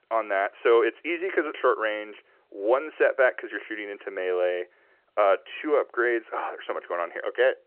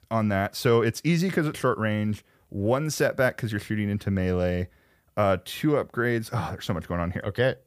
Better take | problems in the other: second | phone-call audio

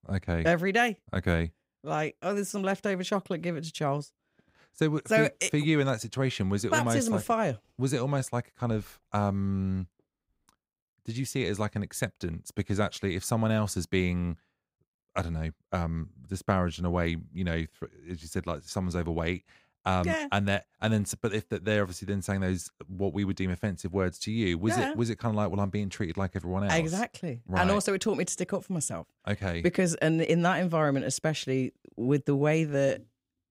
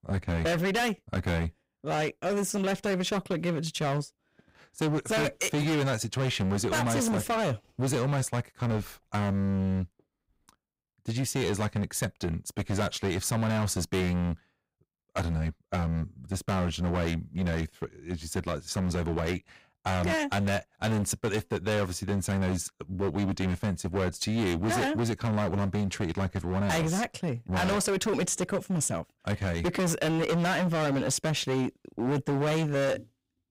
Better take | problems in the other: first | distortion; heavy; 21% of the sound clipped

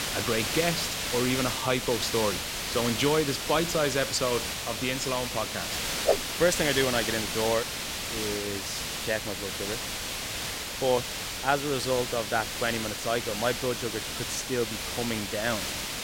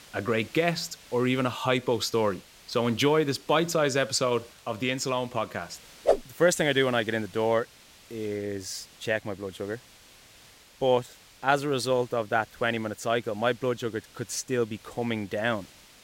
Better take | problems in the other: second | hiss; loud; throughout; 1 dB below the speech; faint in the second

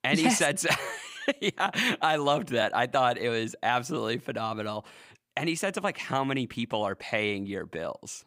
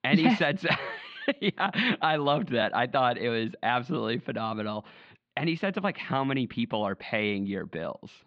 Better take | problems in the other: first | muffled; slightly; fading above 4 kHz

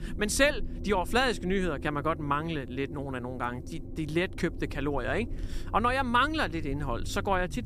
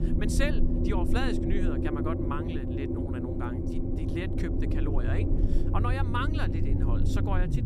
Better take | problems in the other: first | low rumble; loud; throughout; 1 dB below the speech; faint in the first

